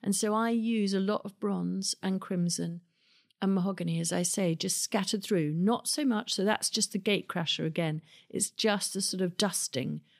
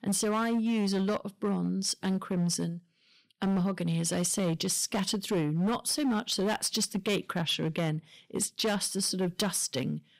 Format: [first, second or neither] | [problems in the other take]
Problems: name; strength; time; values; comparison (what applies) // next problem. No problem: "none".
first | distortion; slight; 12% of the sound clipped